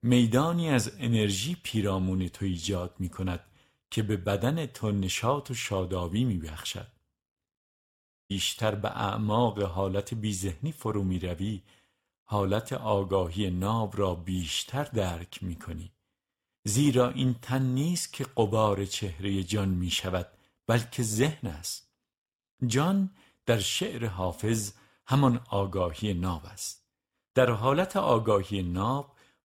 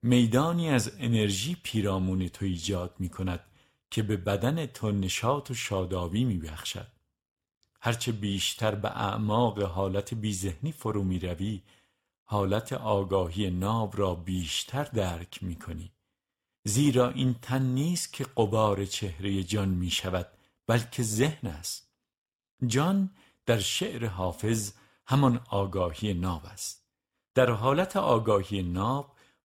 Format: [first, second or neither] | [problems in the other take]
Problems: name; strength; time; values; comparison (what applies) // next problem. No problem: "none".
second | audio cutting out; at 7.5 s for 0.5 s